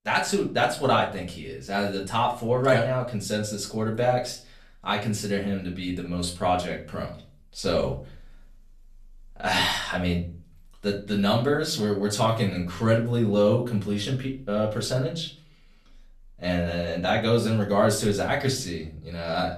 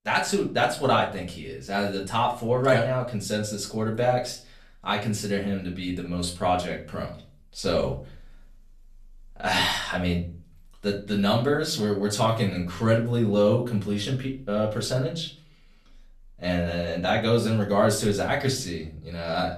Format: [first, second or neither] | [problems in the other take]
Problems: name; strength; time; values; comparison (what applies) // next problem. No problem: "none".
neither | room echo; slight; dies away in 0.3 s; the same in both // off-mic speech; far; the same in both